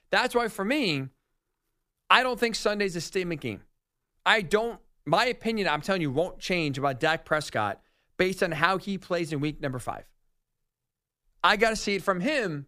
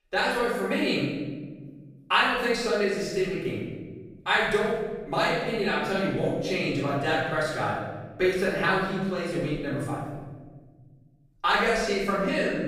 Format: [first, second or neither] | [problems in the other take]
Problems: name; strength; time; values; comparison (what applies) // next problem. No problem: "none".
first | room echo; strong; dies away in 1.5 s // off-mic speech; far